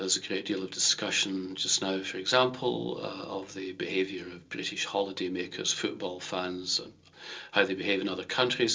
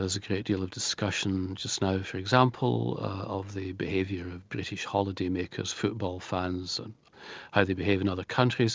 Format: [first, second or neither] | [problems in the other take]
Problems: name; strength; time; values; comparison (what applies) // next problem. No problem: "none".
second | room echo; dies away in 0.2 s